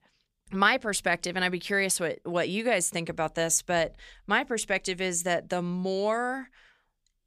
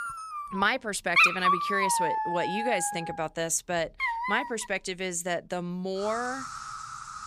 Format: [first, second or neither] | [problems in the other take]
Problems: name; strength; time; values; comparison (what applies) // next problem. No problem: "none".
first | animal sounds; very loud; throughout; 2 dB above the speech